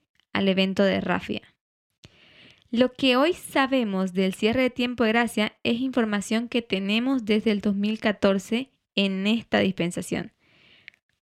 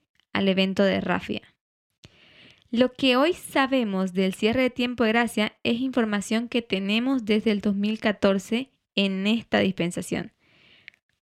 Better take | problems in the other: neither | none

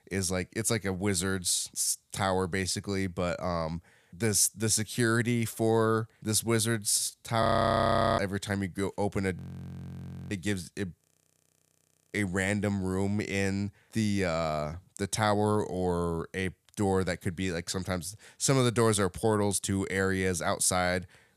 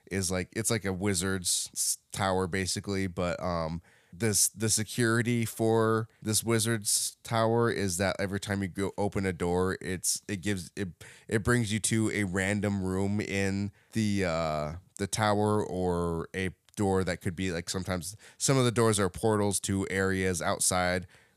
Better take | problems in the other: second | audio freezing; at 7.5 s for 1 s, at 9.5 s for 1 s and at 11 s for 1 s

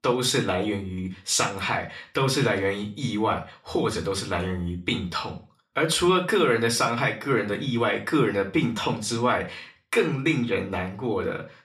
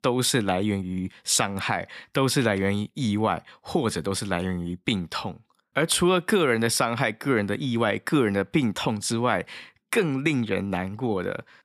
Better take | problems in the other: second | room echo; slight; dies away in 0.4 s // off-mic speech; somewhat distant

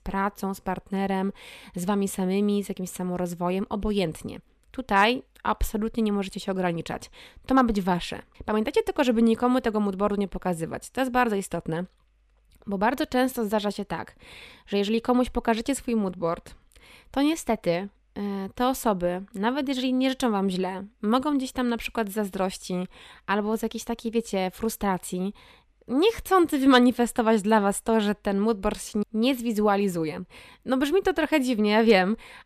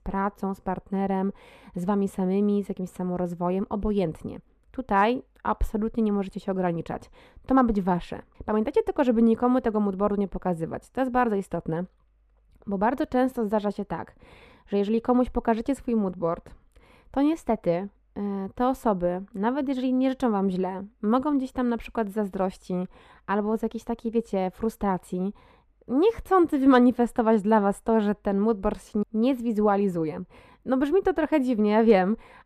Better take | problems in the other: first | muffled; slightly; fading above 2 kHz

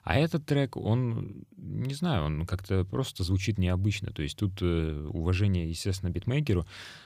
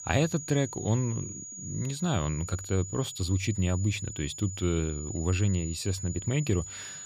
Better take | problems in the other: first | high-pitched whine; loud; throughout; 7 kHz, 9 dB below the speech

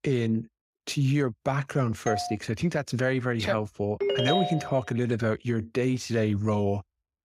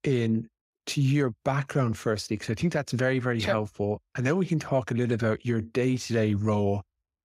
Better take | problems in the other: second | doorbell; noticeable; at 2 s; peak 5 dB below the speech // phone ringing; loud; at 4 s; peak 2 dB above the speech

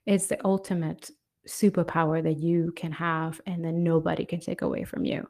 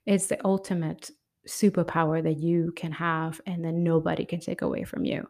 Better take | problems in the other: second | garbled, watery; slightly; nothing above 14.5 kHz

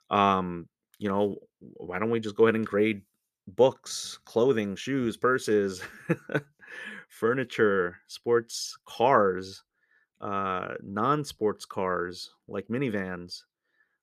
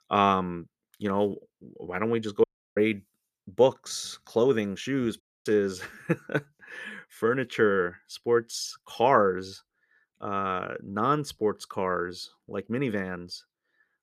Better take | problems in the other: first | audio cutting out; at 2.5 s and at 5 s

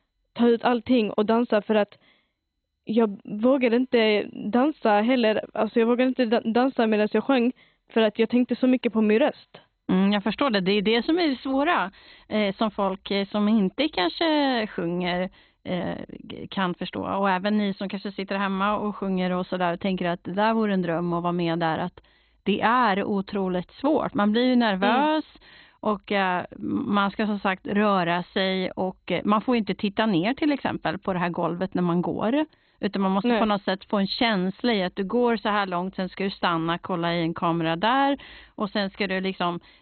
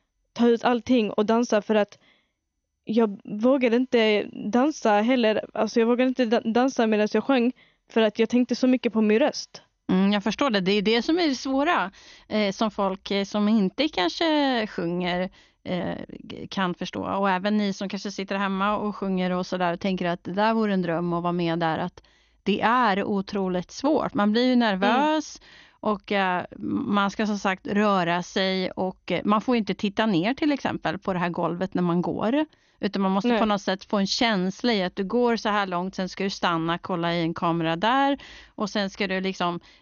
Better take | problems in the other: second | garbled, watery; badly; nothing above 4 kHz; slightly in the second

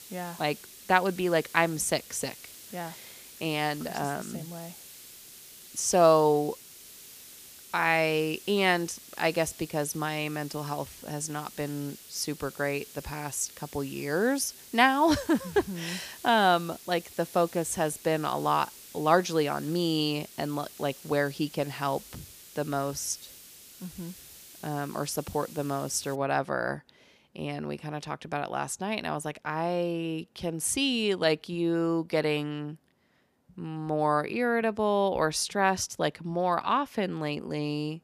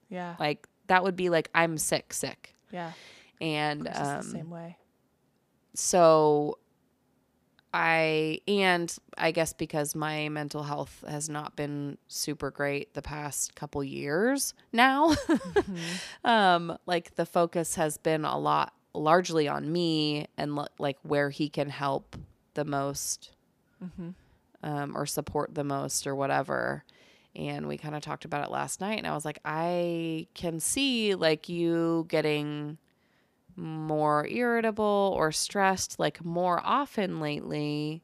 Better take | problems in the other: second | hiss; noticeable; until 26 s; 15 dB below the speech

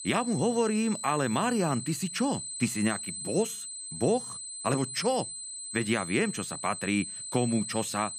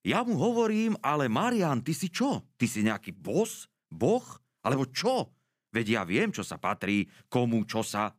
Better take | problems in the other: second | high-pitched whine; loud; throughout; 8 kHz, 7 dB below the speech

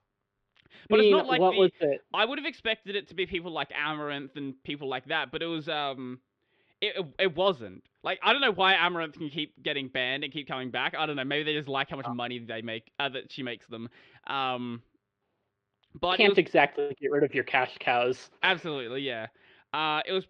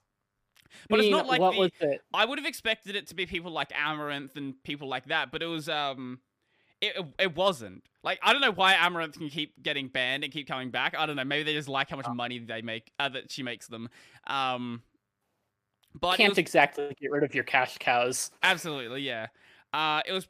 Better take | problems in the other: second | muffled; very slightly; fading above 3.5 kHz

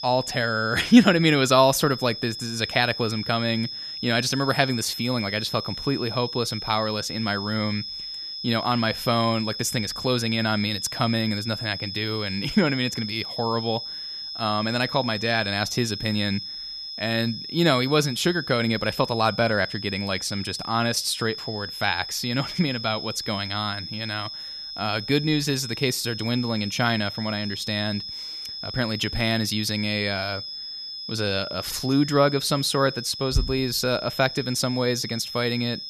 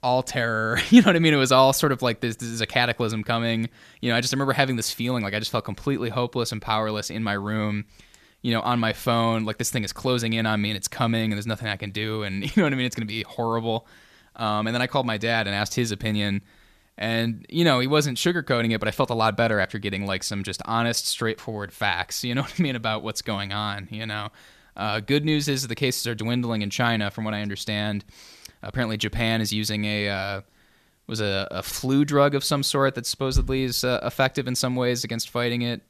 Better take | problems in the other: second | high-pitched whine; loud; throughout; 5 kHz, 8 dB below the speech

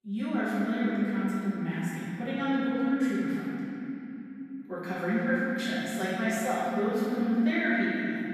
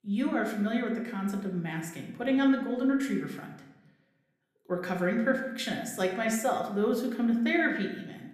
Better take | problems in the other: second | room echo; strong; dies away in 3 s; slight in the second // off-mic speech; far; somewhat distant in the second

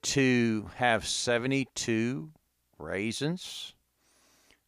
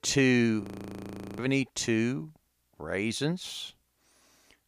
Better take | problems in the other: first | audio freezing; at 0.5 s for 1 s

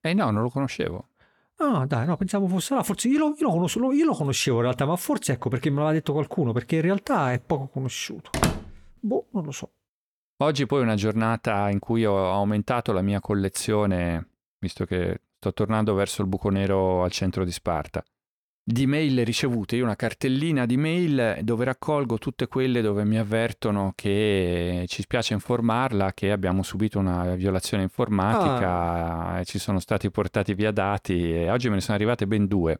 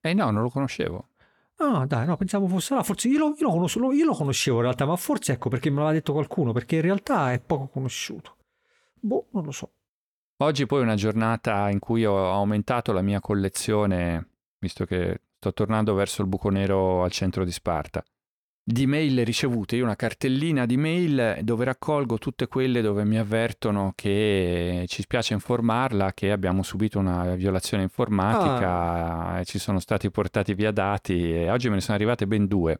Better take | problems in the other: second | door banging; noticeable; at 8.5 s; peak 1 dB below the speech

